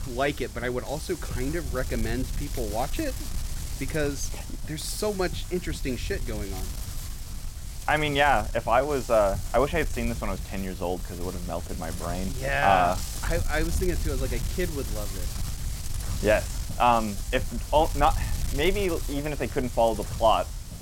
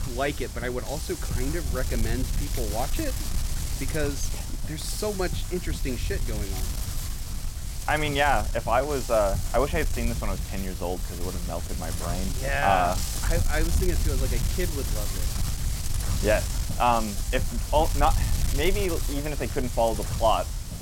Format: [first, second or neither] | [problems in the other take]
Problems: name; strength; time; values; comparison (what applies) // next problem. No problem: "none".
first | wind noise on the microphone; heavy; 10 dB below the speech; occasional gusts in the first